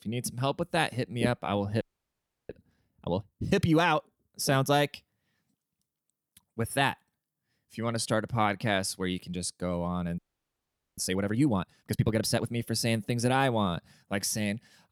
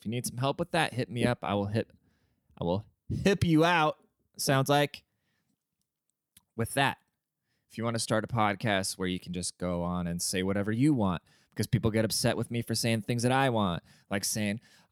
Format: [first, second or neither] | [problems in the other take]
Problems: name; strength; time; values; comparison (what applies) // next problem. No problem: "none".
second | audio freezing; at 2 s for 0.5 s and at 10 s for 1 s